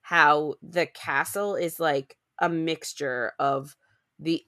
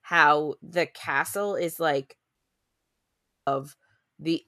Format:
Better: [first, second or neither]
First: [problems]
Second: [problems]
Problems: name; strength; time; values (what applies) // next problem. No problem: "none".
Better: first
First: none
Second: audio cutting out; at 2.5 s for 1 s